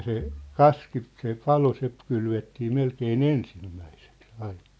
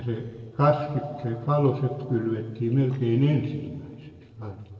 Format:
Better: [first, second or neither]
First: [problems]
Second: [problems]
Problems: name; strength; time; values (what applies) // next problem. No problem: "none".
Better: first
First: none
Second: noise reduction (neural separator model SepFormer DNS4)